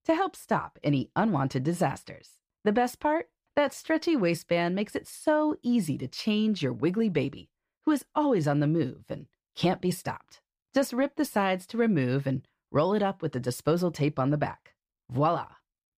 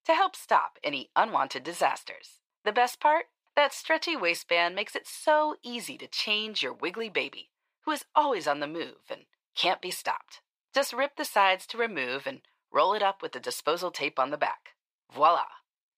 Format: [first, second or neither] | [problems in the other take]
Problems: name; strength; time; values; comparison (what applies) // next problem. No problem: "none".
first | thin; very; fading below 700 Hz